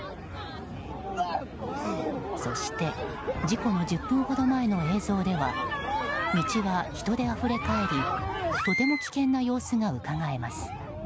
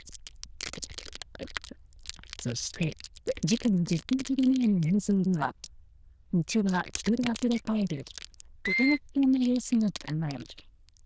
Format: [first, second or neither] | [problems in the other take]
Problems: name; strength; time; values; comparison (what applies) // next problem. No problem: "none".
first | noise reduction (neural diffusion model UNIVERSE++)